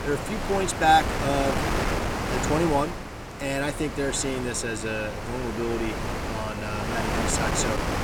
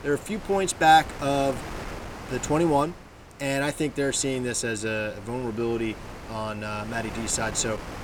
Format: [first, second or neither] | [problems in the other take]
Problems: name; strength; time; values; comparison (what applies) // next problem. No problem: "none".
second | wind noise on the microphone; heavy; 3 dB below the speech; occasional gusts in the second